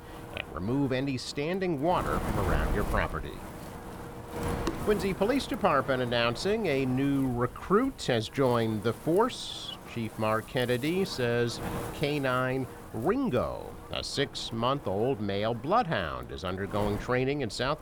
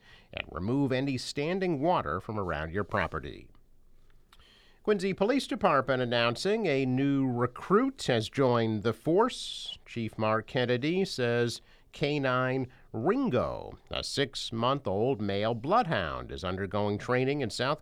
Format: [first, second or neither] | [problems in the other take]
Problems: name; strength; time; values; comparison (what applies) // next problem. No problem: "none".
second | wind noise on the microphone; occasional gusts; 10 dB below the speech